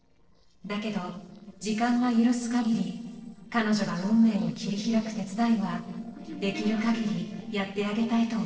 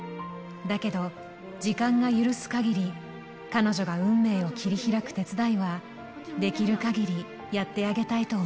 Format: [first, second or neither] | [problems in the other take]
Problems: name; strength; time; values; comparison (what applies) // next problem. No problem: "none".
second | noise reduction (neural separator model SepFormer DNS4)